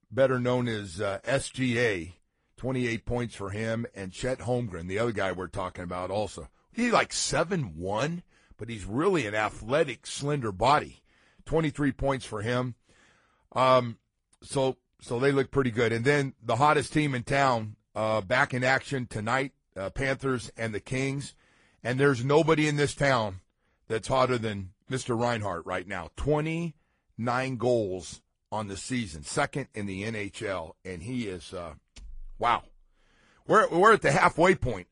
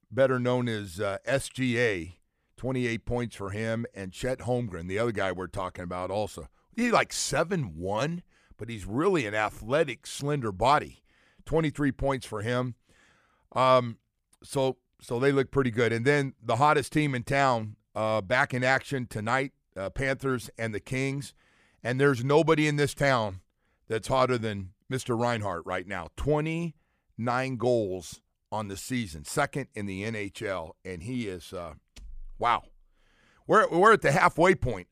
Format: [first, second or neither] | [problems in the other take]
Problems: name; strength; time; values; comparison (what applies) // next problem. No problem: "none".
second | garbled, watery; slightly; nothing above 10.5 kHz